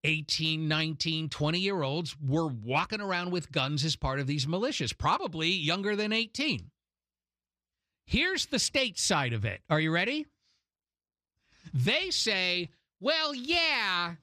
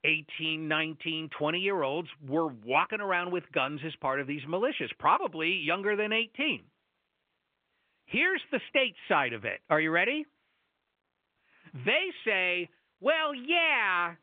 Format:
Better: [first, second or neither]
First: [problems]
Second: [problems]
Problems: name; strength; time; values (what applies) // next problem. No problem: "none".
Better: first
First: none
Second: phone-call audio